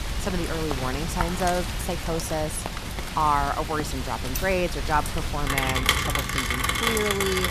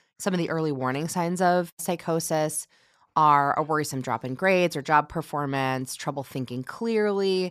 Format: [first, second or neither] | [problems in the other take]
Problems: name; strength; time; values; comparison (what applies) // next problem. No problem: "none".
second | rain or running water; very loud; throughout; 1 dB above the speech